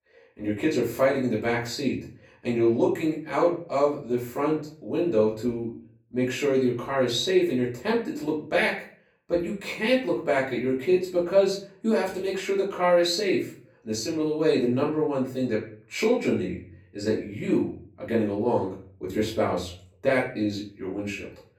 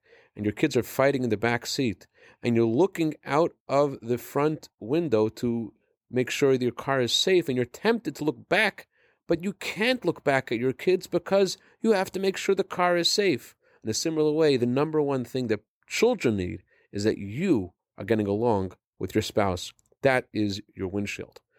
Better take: second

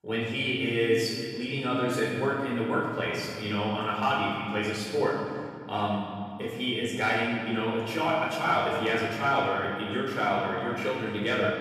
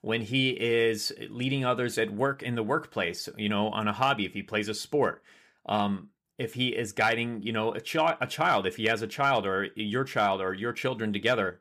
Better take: second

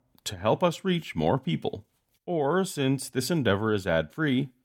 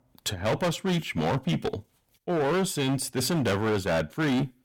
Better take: first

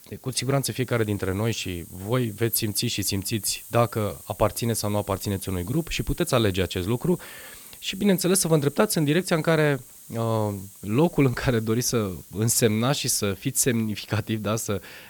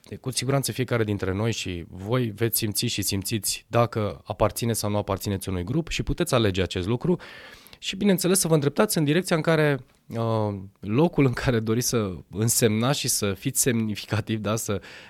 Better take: second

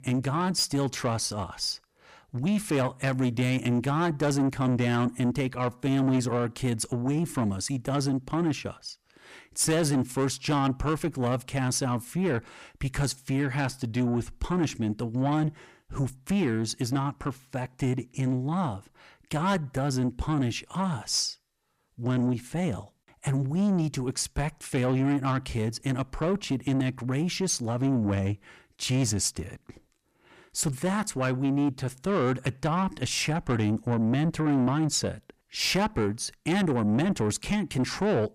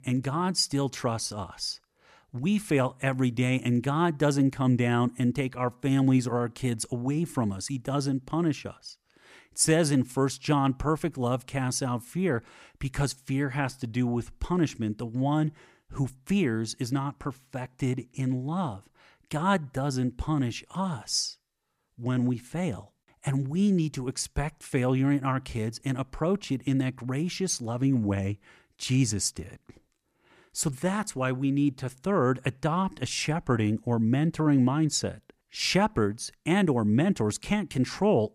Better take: second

